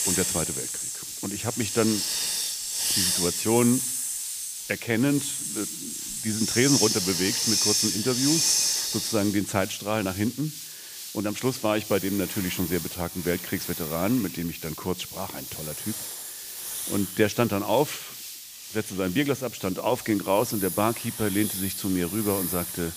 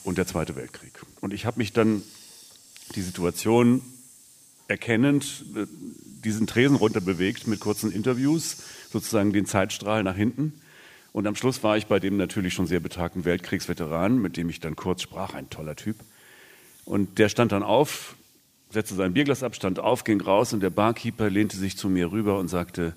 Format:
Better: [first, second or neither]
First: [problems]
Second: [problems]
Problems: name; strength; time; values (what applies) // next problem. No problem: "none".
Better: second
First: hiss; loud; throughout; as loud as the speech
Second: hiss; faint; throughout; 25 dB below the speech